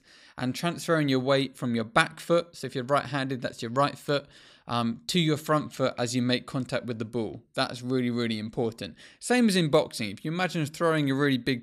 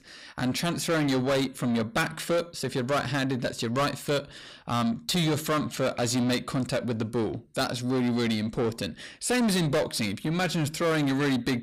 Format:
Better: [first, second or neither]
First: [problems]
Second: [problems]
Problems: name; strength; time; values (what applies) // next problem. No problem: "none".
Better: first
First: none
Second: distortion; heavy; 6 dB below the speech